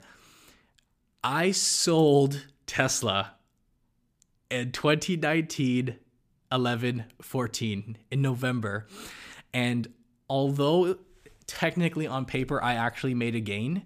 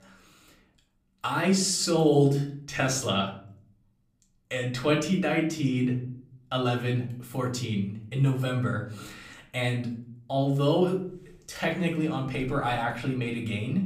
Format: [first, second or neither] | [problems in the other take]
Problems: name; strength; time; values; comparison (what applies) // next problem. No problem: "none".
first | room echo; slight; dies away in 0.5 s // off-mic speech; far